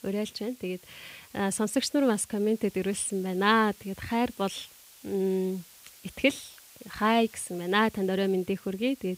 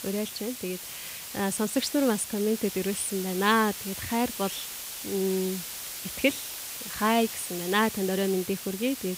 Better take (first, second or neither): first